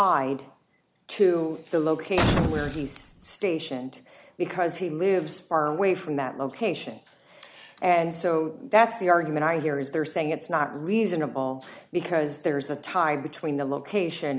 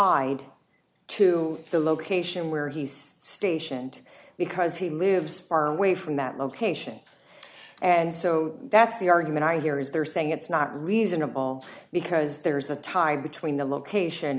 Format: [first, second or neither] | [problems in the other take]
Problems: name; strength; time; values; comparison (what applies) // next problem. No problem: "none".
second | background sound (Boom); as loud as the speech